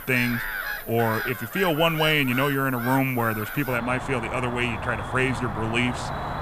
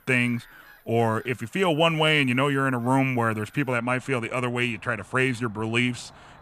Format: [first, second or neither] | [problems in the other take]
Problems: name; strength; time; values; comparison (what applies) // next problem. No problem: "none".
second | animal sounds; loud; throughout; 7 dB below the speech; faint in the second